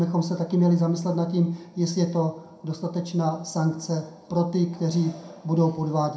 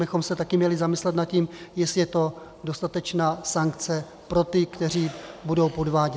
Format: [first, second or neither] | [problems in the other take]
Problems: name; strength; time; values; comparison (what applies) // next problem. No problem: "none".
second | room echo; dies away in 0.5 s